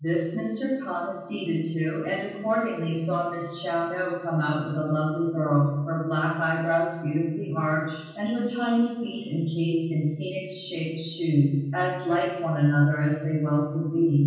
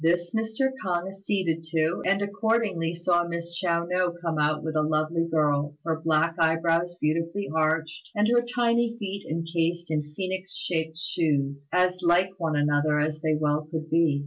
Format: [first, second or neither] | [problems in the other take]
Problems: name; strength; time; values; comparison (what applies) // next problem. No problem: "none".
second | room echo; dies away in 1.2 s